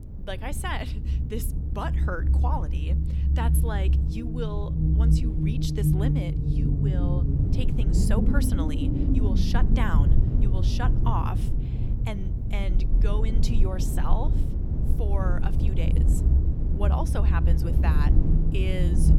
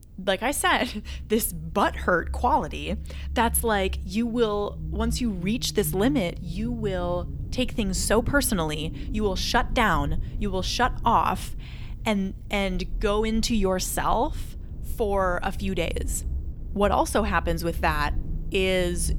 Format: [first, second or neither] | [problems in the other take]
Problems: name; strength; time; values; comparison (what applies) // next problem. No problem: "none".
second | low rumble; loud; throughout; 2 dB below the speech; faint in the second